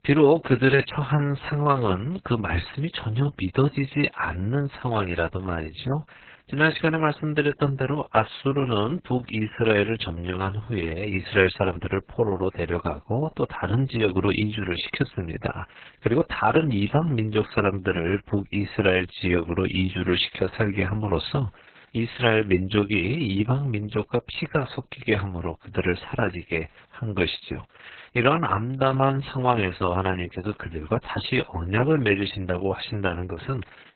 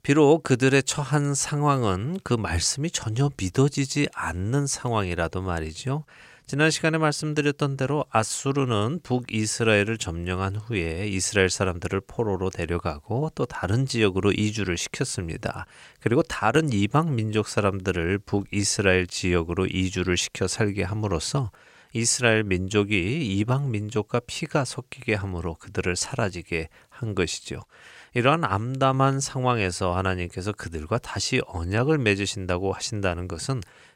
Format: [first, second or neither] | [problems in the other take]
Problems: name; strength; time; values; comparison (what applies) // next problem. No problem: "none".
second | garbled, watery; badly; nothing above 4 kHz